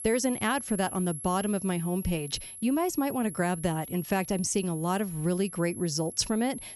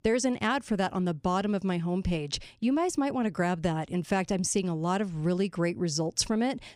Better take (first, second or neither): second